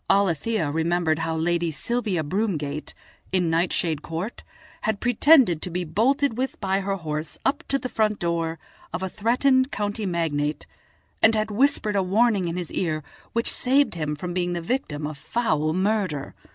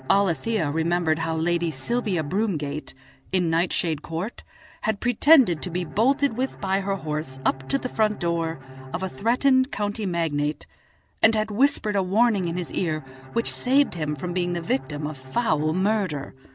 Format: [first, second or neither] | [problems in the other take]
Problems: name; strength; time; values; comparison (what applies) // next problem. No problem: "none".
first | background sound (Bowed string instrument); 17 dB below the speech